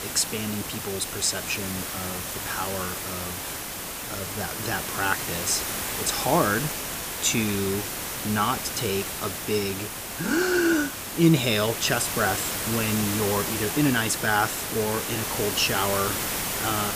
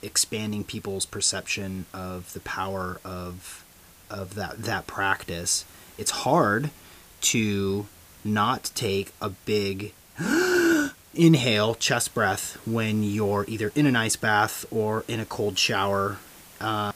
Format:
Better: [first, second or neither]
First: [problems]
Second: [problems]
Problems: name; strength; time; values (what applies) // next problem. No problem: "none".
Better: second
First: hiss; loud; throughout; 3 dB below the speech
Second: hiss; faint; throughout; 25 dB below the speech